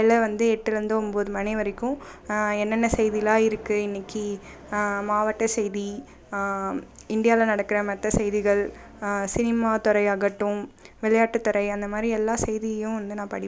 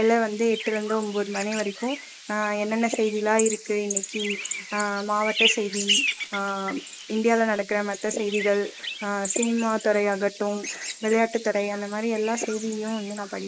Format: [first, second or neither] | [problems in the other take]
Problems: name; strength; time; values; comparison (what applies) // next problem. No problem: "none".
first | noise reduction (neural mask model Resemble Enhance denoiser)